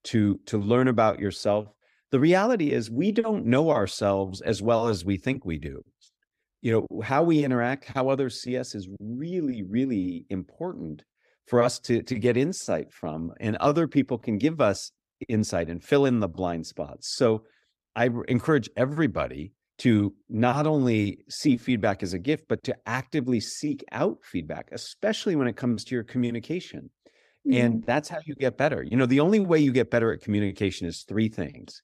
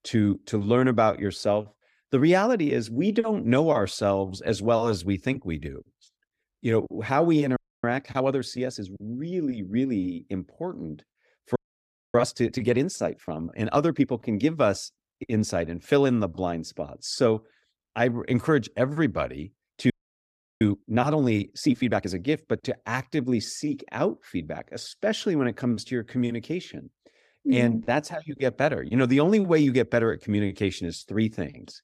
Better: first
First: none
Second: audio freezing; at 7.5 s, at 12 s for 0.5 s and at 20 s for 0.5 s

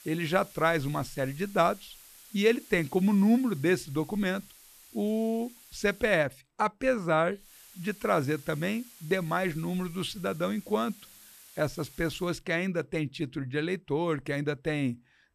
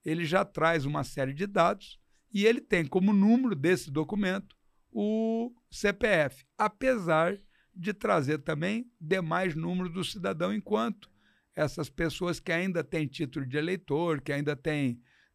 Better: second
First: hiss; faint; until 6 s and from 7.5 to 12 s; 20 dB below the speech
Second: none

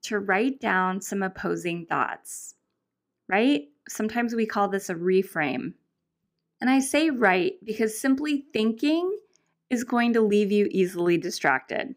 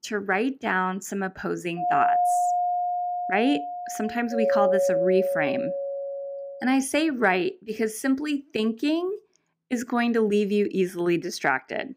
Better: first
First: none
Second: doorbell; loud; from 2 to 6.5 s; peak 4 dB above the speech

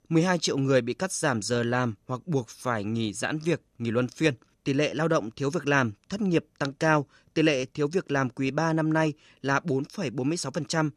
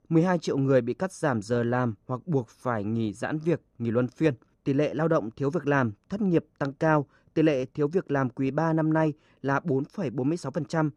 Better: first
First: none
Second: muffled; slightly; fading above 2 kHz

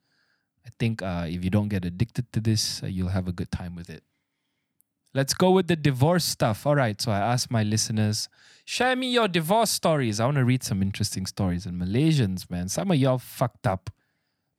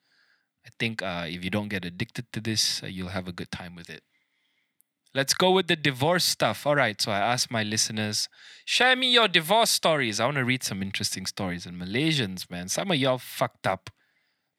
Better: first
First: none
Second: thin; very slightly; fading below 650 Hz

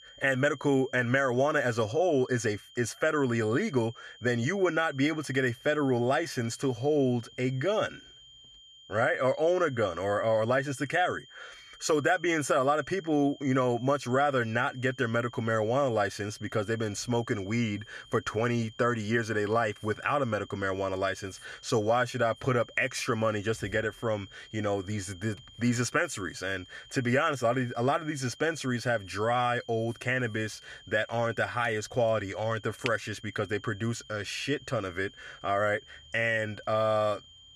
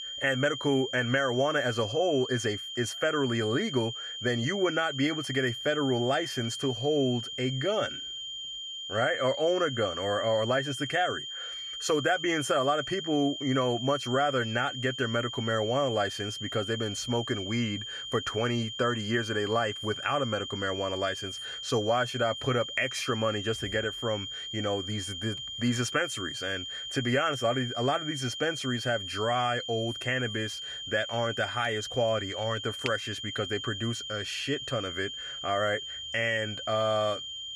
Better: first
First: high-pitched whine; faint; throughout; 3 kHz, 20 dB below the speech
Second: high-pitched whine; loud; throughout; 3 kHz, 6 dB below the speech

